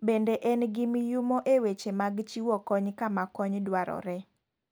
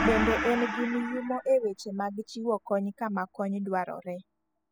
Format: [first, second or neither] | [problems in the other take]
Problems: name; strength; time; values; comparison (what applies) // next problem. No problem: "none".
first | noise reduction (classical method spectral subtraction)